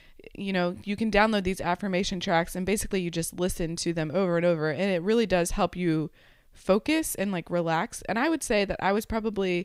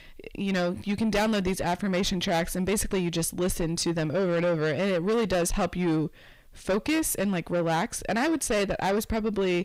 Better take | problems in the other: first | distortion; heavy; 8 dB below the speech

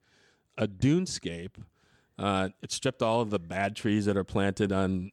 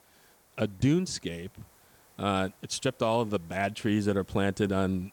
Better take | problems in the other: first | hiss; faint; throughout; 30 dB below the speech

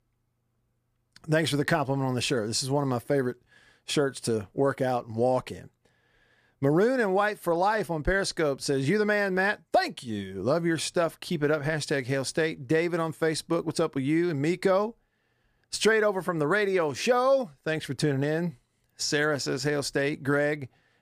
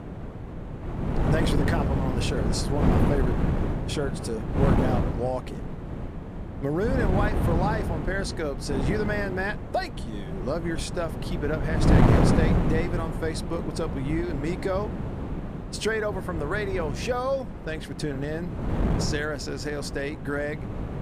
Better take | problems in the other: first | wind noise on the microphone; heavy; 3 dB below the speech

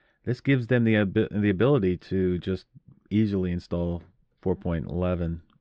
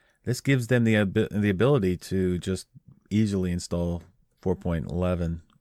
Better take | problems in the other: second | muffled; slightly; fading above 4 kHz

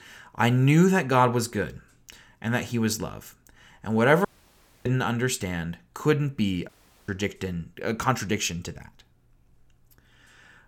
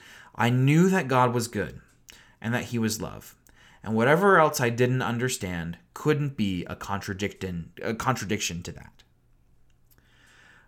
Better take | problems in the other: second | audio cutting out; at 4.5 s for 0.5 s and at 6.5 s

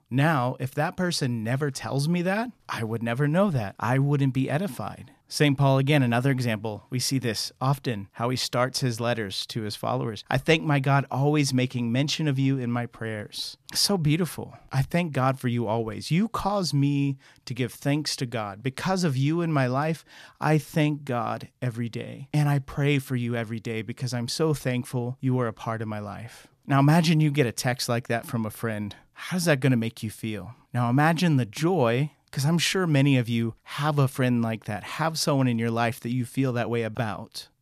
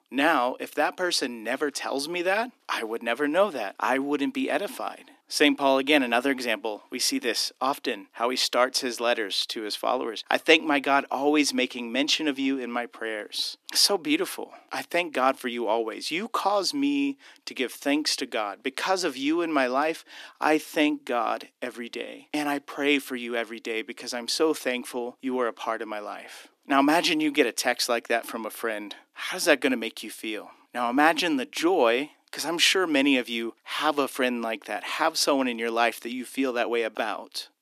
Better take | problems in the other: first | thin; somewhat; fading below 300 Hz

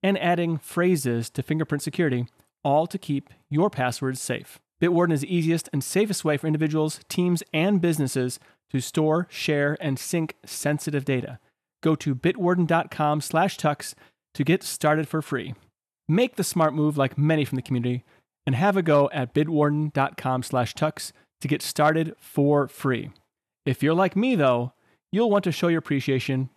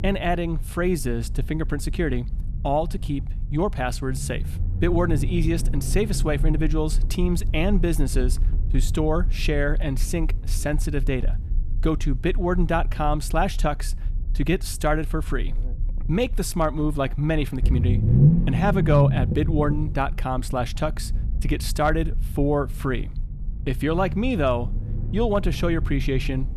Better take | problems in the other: first | low rumble; noticeable; throughout; 15 dB below the speech

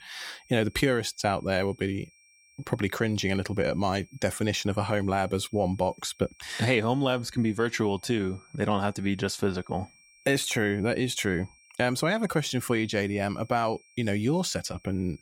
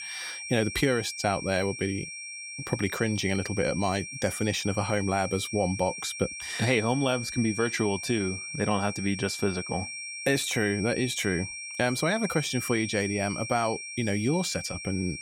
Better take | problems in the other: first | high-pitched whine; loud; throughout; 2.5 kHz, 7 dB below the speech; faint in the first

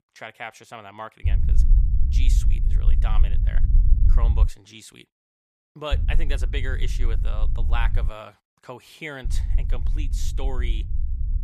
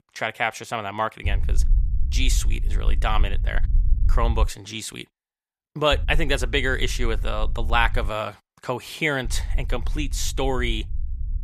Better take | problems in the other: second | low rumble; loud; from 1.5 to 4.5 s, from 6 to 8 s and from 9.5 s on; 9 dB below the speech; faint in the second

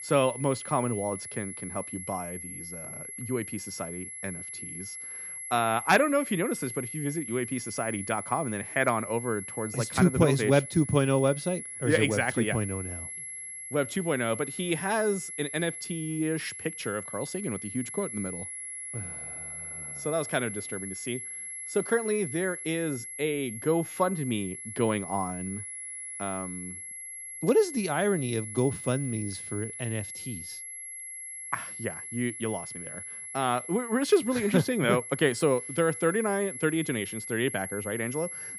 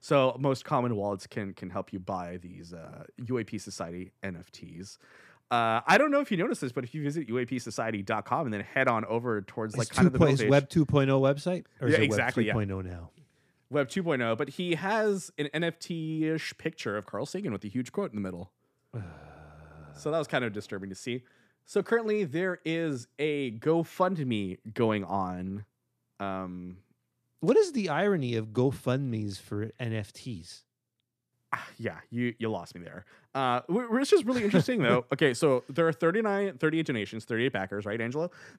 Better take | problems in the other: second | high-pitched whine; loud; throughout; 11 kHz, 8 dB below the speech

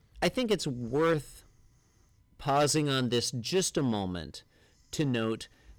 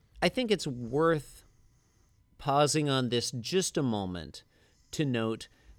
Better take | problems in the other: second | distortion; slight; 4% of the sound clipped

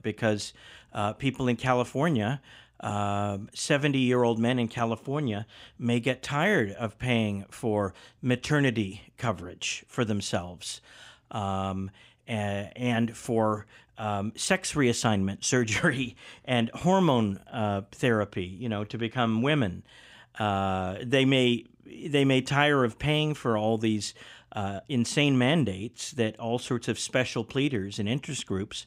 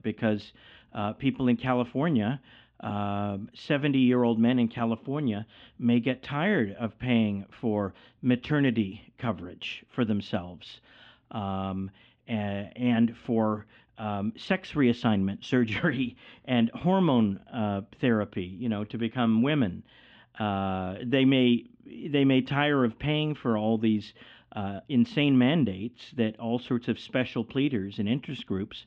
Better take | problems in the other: first | muffled; slightly; fading above 3.5 kHz

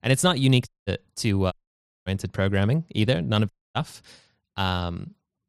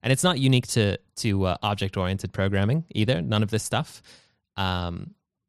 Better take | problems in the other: second | audio cutting out; at 0.5 s, at 1.5 s for 0.5 s and at 3.5 s

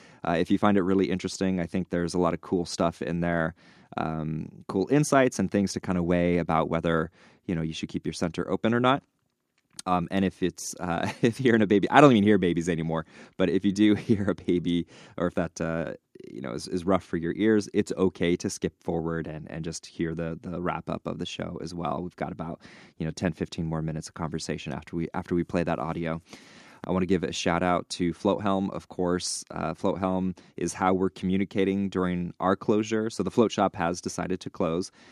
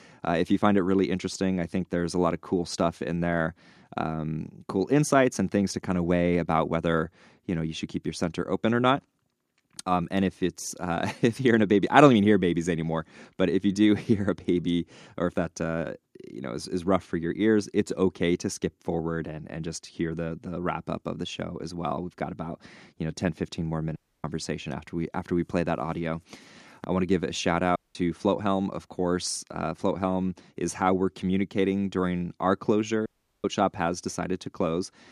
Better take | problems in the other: first | audio cutting out; at 24 s, at 28 s and at 33 s

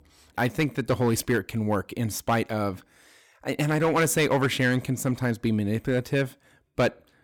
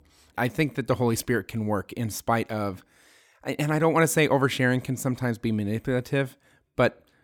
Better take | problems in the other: second | distortion; slight; 4% of the sound clipped

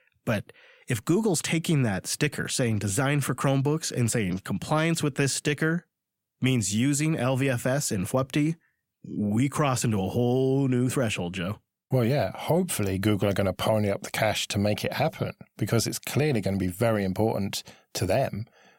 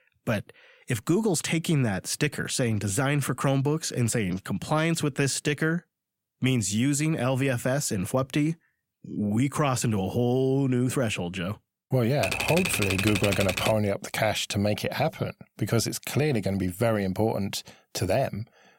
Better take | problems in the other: first | keyboard typing; noticeable; from 12 to 14 s; peak level with the speech

